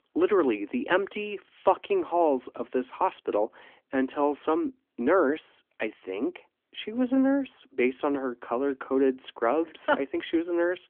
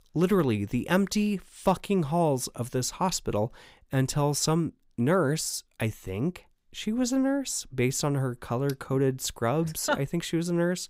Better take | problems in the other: second | phone-call audio; nothing above 3.5 kHz

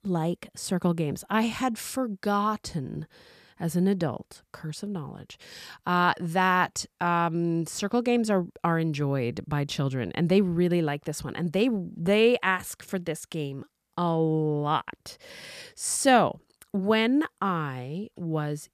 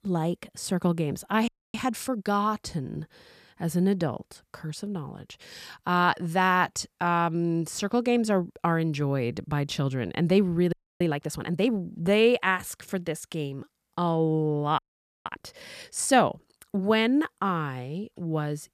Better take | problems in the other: first | audio freezing; at 1.5 s, at 11 s and at 15 s

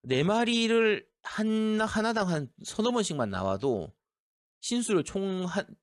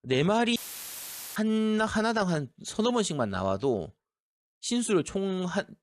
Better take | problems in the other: first | audio cutting out; filled with static; at 0.5 s for 1 s

